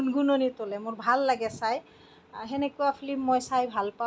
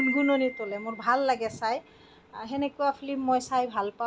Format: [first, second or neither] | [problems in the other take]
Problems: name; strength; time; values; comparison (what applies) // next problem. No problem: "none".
first | background sound (Wind chime); 12 dB below the speech